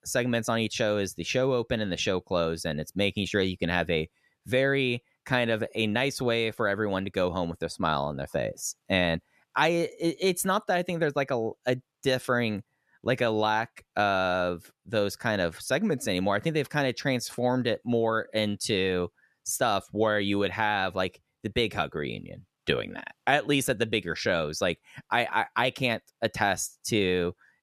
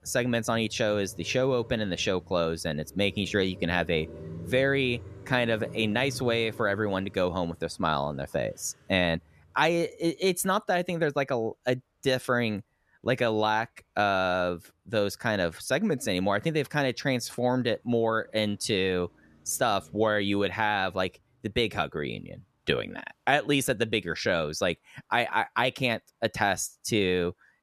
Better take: first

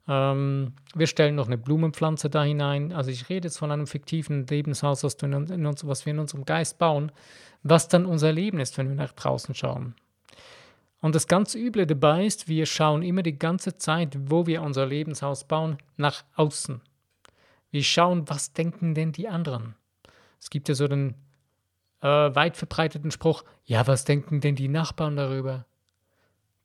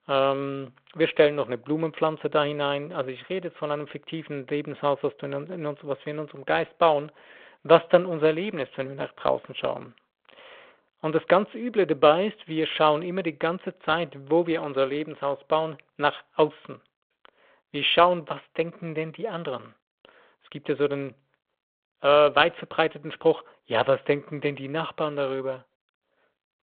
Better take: first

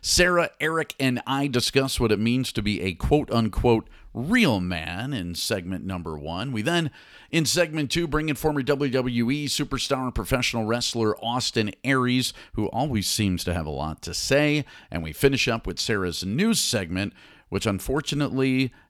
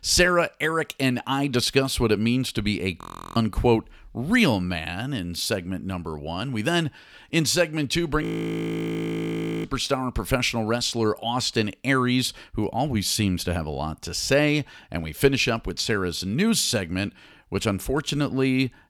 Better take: first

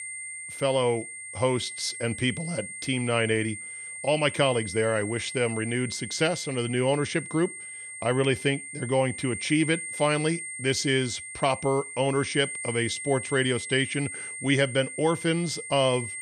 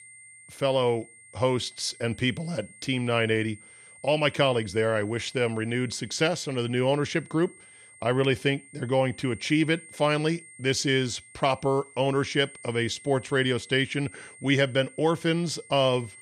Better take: second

